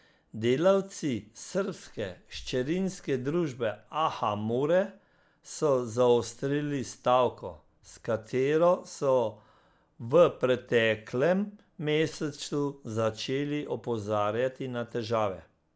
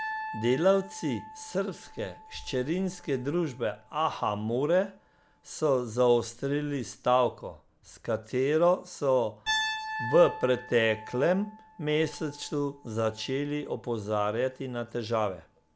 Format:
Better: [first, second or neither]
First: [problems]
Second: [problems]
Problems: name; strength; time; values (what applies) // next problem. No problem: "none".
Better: first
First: none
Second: background sound (Piano); 13 dB below the speech